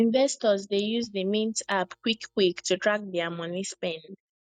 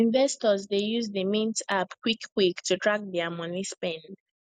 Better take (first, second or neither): second